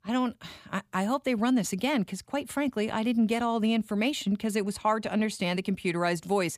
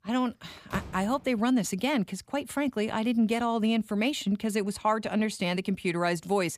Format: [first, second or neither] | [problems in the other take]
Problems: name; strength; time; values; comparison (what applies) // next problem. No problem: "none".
first | door banging; faint; at 0.5 s; peak 10 dB below the speech